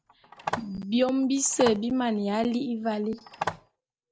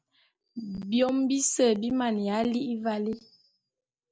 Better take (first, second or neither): second